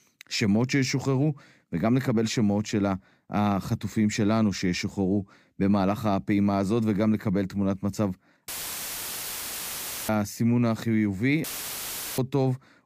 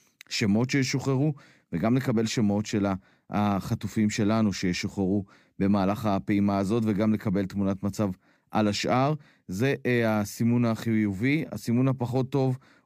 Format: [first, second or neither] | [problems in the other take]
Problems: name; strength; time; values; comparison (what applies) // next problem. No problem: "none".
second | audio cutting out; filled with static; at 8.5 s for 1.5 s and at 11 s for 0.5 s